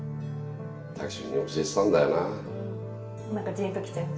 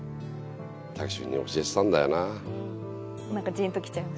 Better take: second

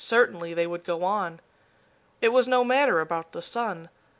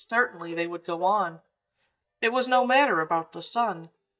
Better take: first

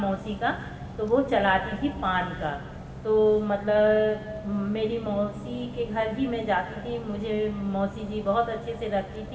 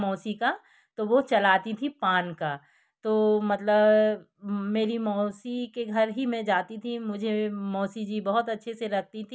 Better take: second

